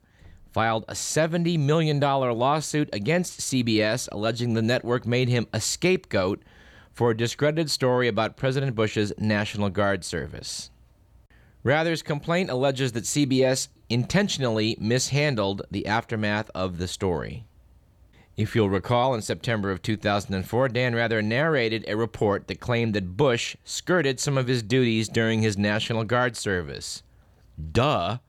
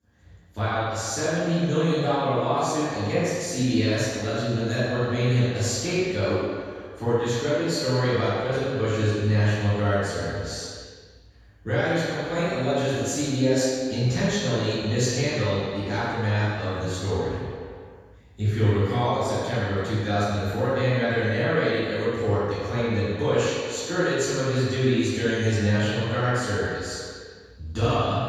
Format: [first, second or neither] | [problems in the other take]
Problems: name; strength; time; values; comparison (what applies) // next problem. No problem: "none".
first | room echo; strong; dies away in 1.8 s // off-mic speech; far